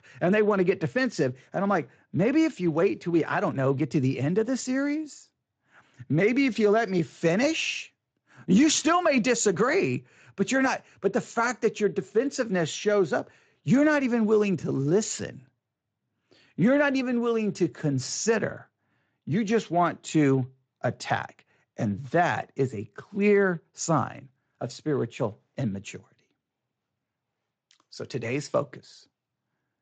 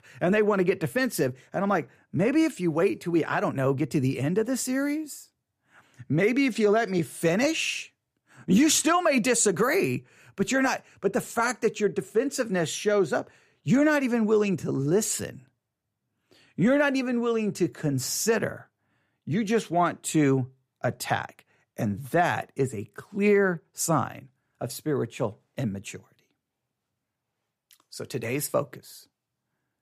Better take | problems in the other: second | garbled, watery; slightly; nothing above 7.5 kHz

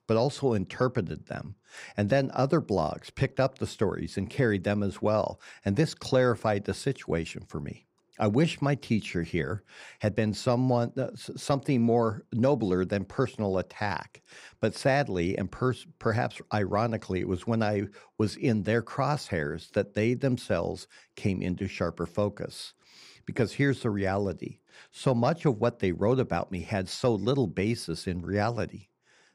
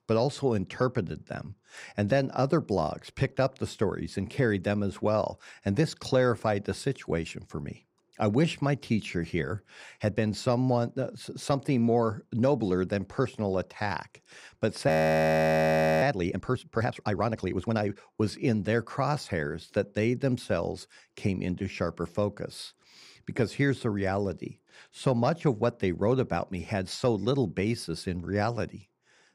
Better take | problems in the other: first | audio freezing; at 15 s for 1 s

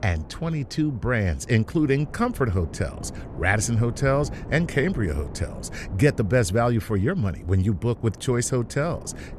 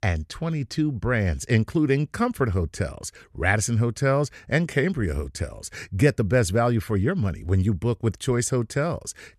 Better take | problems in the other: second | wind noise on the microphone; occasional gusts; 20 dB below the speech

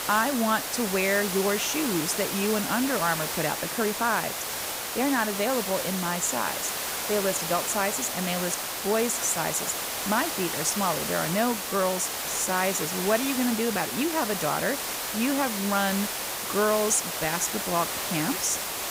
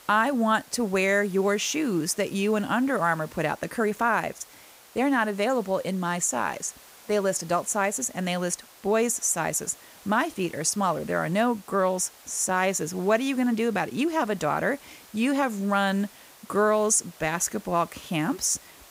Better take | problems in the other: second | hiss; loud; throughout; 2 dB below the speech; faint in the second

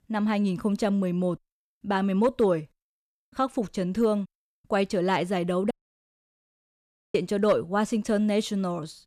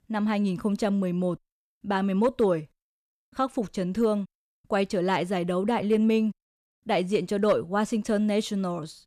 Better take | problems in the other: second | audio cutting out; at 5.5 s for 1.5 s

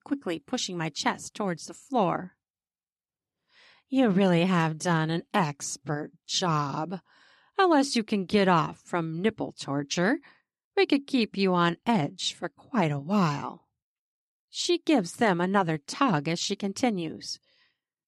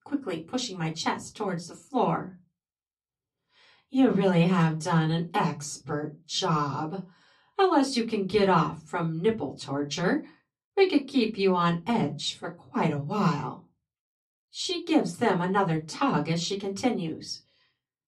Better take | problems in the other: first | off-mic speech; somewhat distant // room echo; very slight; dies away in 0.2 s

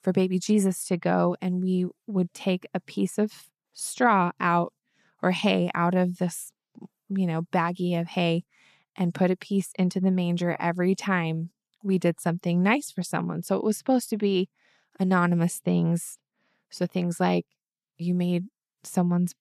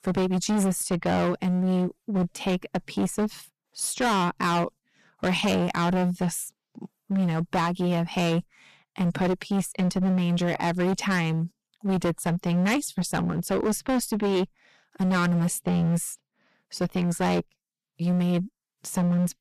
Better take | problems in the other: first | distortion; heavy; 18% of the sound clipped

